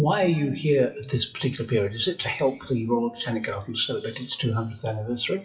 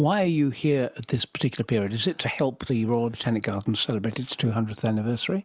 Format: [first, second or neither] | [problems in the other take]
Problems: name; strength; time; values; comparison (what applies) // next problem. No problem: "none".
second | noise reduction (classical method WPE with log-MMSE)